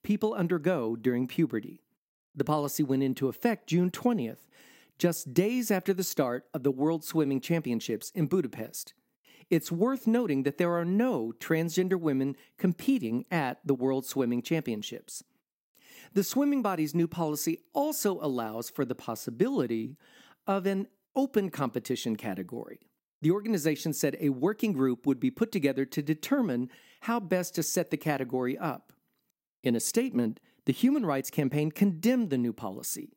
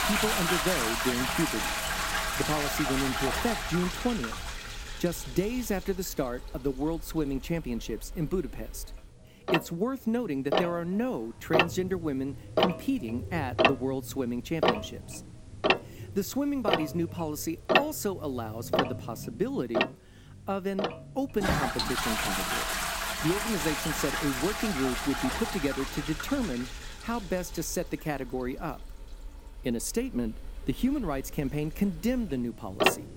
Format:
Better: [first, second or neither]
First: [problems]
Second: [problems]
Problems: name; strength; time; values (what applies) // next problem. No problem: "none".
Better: first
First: none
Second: household noises; very loud; throughout; 2 dB above the speech